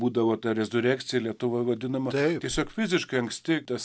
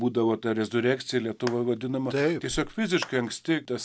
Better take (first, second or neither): first